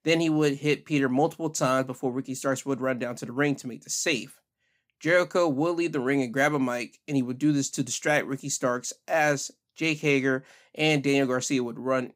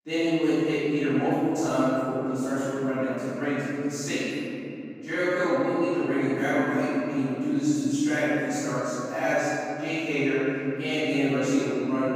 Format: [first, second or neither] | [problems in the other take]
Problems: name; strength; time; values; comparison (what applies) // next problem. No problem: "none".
first | off-mic speech; far // room echo; strong; dies away in 3 s